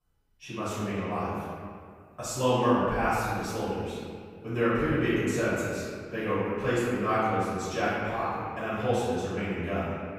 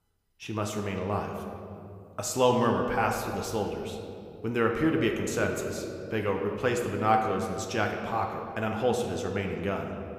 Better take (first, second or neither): second